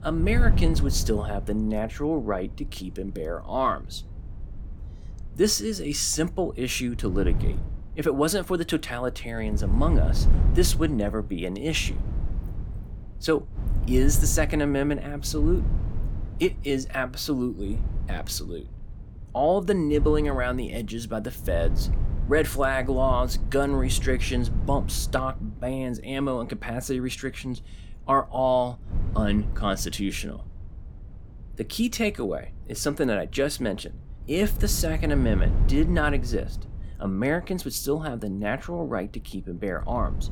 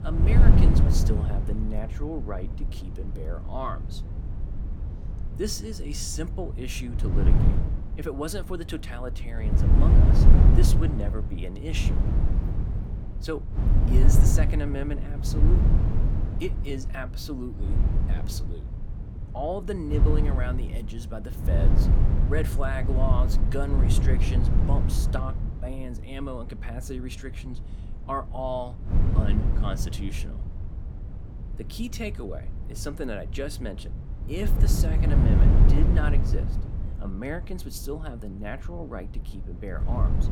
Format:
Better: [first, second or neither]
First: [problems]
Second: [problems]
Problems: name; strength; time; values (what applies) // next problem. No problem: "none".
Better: first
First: wind noise on the microphone; occasional gusts; 15 dB below the speech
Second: wind noise on the microphone; heavy; 2 dB below the speech